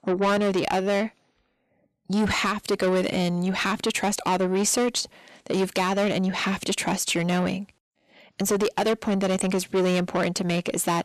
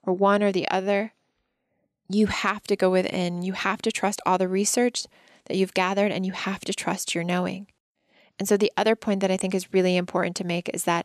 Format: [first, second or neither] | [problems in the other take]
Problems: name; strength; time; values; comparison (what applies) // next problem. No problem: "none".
second | distortion; heavy; 8 dB below the speech